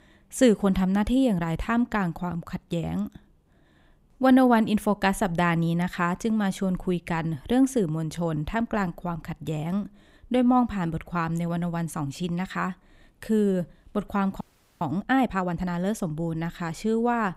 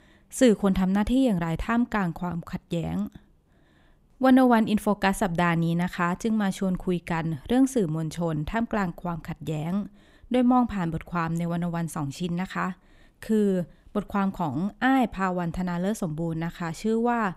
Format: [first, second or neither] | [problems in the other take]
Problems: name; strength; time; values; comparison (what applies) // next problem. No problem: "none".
second | audio freezing; at 14 s